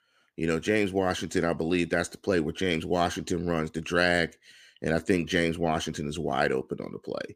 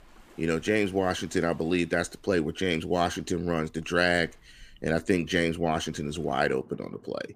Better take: first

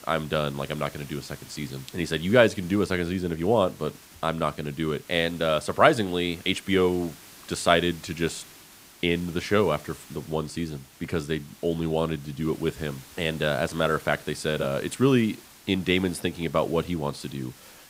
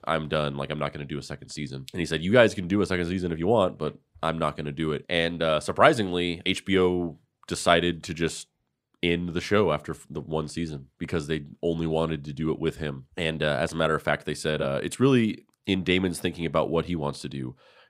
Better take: second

